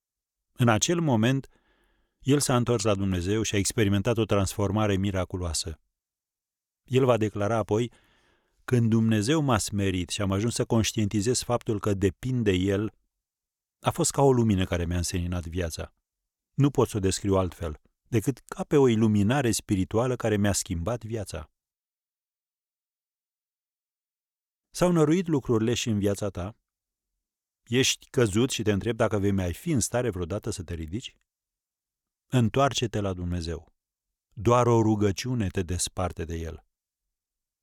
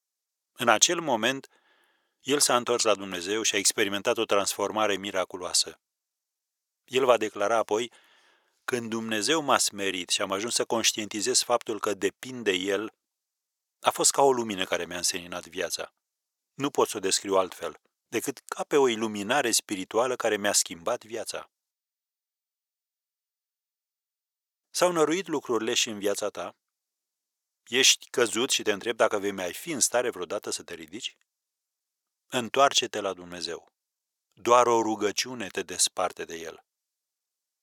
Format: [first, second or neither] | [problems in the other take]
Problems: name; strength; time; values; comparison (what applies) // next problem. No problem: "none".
first | thin; very; fading below 500 Hz